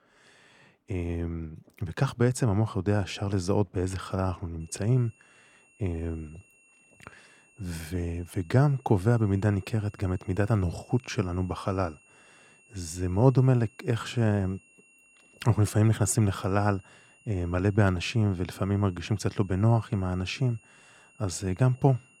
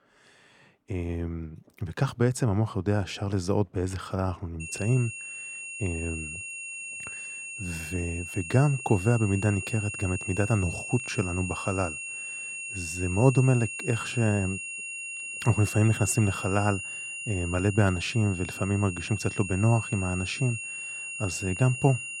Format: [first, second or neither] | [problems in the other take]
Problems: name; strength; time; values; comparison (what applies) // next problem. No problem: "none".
first | high-pitched whine; loud; from 4.5 s on; 2.5 kHz, 7 dB below the speech; faint in the first